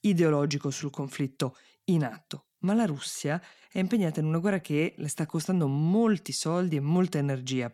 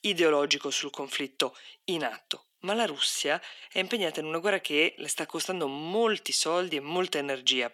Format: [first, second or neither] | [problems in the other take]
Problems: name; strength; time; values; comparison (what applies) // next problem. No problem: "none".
first | thin; very; fading below 400 Hz